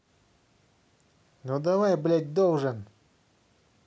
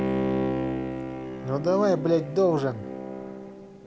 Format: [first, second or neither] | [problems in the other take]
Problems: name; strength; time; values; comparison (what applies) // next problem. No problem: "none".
first | background sound (Bowed string instrument); 3 dB below the speech